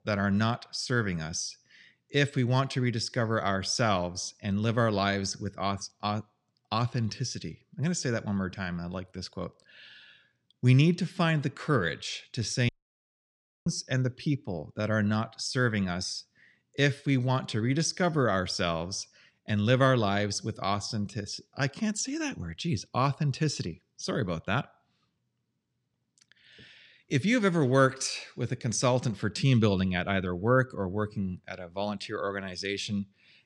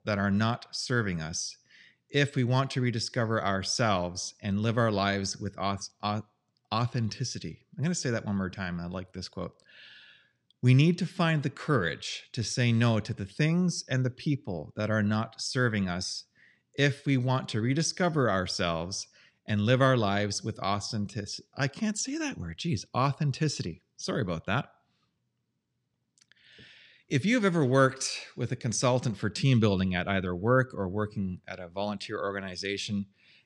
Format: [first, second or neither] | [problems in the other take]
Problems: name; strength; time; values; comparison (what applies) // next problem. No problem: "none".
second | audio cutting out; at 13 s for 1 s